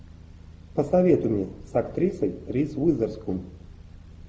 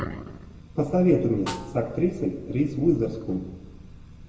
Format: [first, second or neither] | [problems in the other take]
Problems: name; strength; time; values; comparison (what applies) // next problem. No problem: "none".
first | background sound (Snare drum); 17 dB below the speech // room echo; dies away in 0.9 s